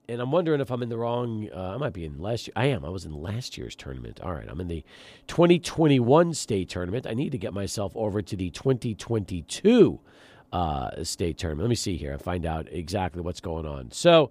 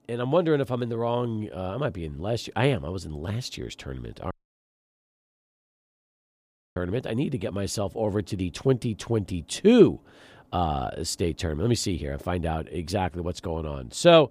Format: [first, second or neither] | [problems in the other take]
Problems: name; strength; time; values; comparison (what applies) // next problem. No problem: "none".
first | audio cutting out; at 4.5 s for 2.5 s